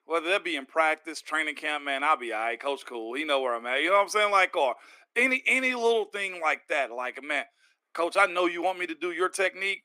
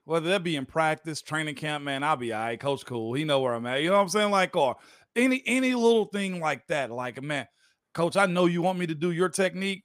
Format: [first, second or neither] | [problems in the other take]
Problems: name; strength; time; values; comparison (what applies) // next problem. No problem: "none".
second | thin; somewhat; fading below 300 Hz